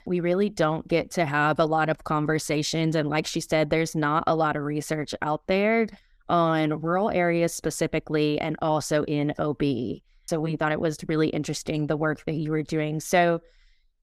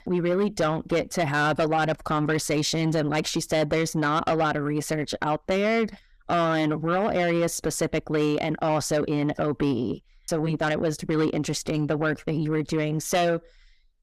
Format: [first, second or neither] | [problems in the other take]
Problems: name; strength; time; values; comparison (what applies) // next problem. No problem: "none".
first | distortion; slight; 10 dB below the speech